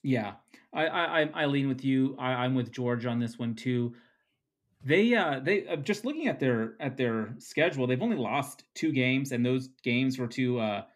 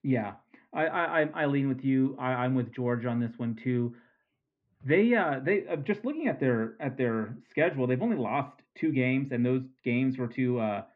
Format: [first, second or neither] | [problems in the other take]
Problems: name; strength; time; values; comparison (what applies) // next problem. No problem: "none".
first | muffled; very; fading above 2 kHz